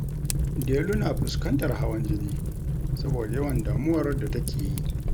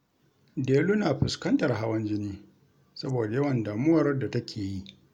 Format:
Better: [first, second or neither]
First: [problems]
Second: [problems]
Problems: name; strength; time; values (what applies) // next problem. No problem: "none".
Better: second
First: background sound (Fire); 2 dB above the speech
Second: none